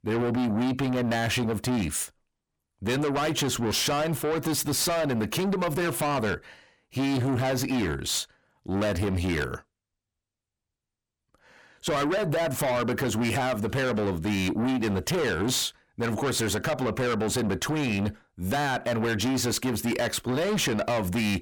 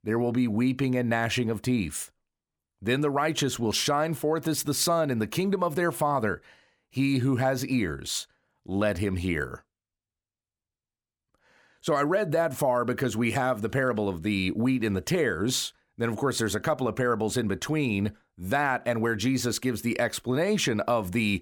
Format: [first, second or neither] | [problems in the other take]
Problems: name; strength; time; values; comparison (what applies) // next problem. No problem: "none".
second | distortion; heavy; 7 dB below the speech